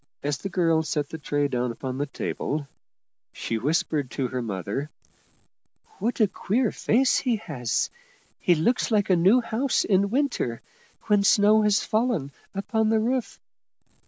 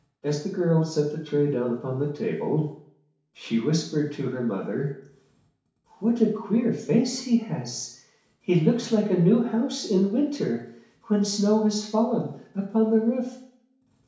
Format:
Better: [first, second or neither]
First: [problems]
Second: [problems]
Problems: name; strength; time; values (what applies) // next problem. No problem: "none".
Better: first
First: none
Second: room echo; dies away in 0.6 s